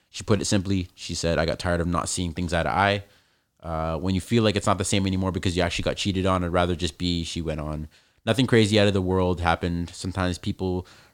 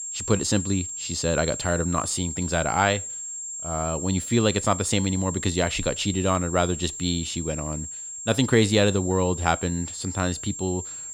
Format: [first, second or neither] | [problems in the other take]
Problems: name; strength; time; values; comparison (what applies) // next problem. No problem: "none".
first | high-pitched whine; loud; throughout; 7.5 kHz, 7 dB below the speech